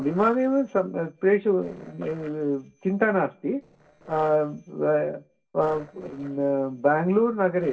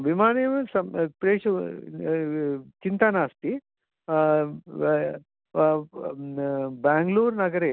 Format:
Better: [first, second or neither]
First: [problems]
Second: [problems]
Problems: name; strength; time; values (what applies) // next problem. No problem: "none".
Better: second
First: noise reduction (neural separator model SepFormer DNS4)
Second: none